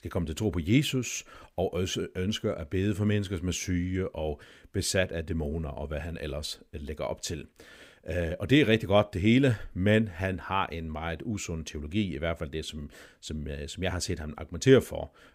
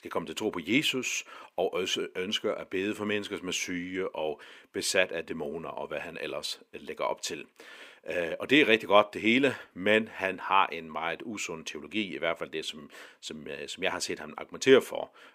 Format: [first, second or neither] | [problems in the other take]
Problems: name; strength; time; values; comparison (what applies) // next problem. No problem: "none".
first | thin; somewhat; fading below 350 Hz